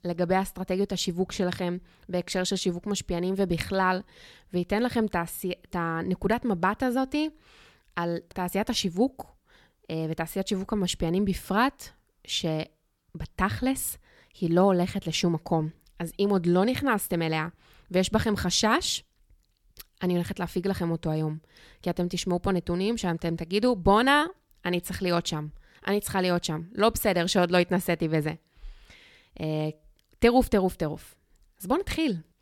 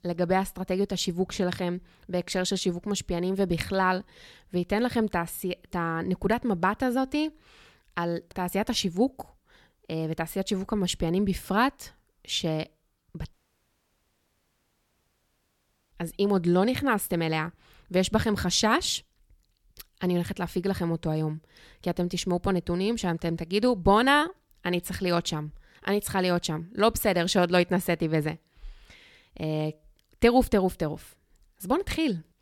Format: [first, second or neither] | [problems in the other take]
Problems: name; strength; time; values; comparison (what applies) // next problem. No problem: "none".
first | audio cutting out; at 13 s for 2.5 s